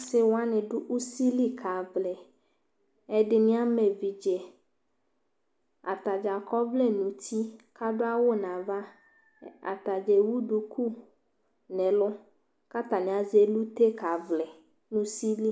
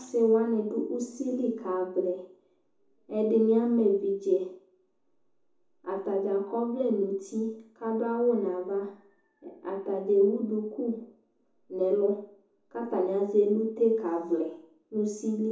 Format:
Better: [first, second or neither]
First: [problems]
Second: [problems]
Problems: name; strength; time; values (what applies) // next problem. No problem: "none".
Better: first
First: none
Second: room echo; dies away in 0.6 s